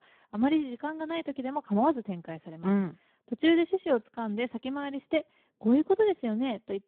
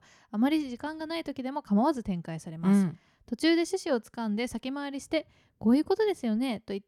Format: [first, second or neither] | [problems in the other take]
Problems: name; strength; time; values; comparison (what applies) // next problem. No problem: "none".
second | phone-call audio; poor line